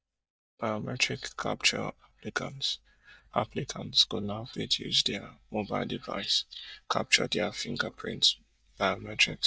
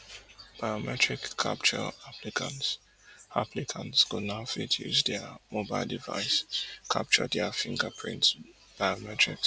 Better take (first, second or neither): second